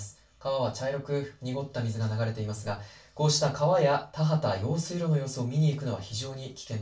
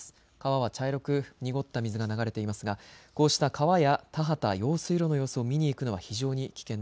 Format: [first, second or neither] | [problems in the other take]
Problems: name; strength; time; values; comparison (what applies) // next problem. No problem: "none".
second | room echo; dies away in 0.2 s